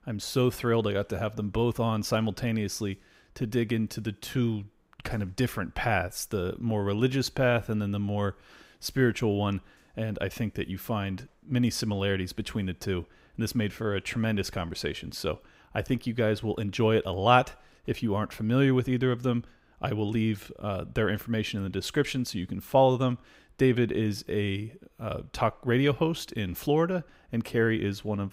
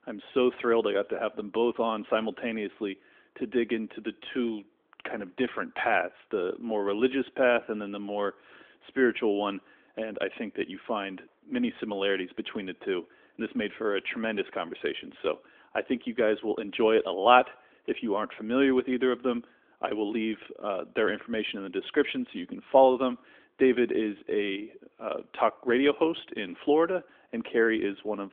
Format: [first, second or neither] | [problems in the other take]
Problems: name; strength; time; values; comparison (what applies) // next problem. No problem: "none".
first | phone-call audio; nothing above 3.5 kHz